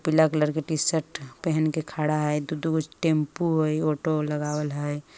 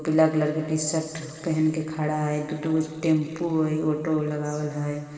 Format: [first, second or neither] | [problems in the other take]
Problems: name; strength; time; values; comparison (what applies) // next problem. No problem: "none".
first | room echo; dies away in 2.4 s